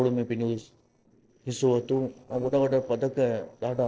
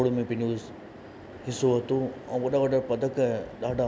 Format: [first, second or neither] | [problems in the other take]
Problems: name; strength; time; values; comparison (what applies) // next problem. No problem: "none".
second | noise reduction (neural separator model SepFormer DNS4)